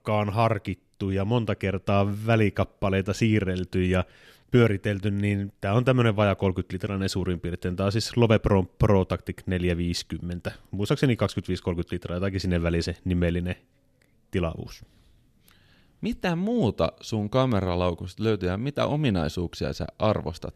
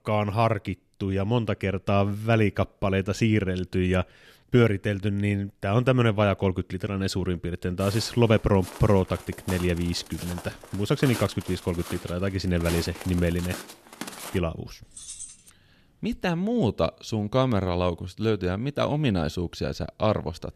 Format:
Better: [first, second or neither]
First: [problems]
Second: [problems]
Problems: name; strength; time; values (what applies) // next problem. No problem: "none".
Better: first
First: none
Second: footsteps; noticeable; from 8 to 14 s; peak 9 dB below the speech // jangling keys; faint; at 15 s; peak 10 dB below the speech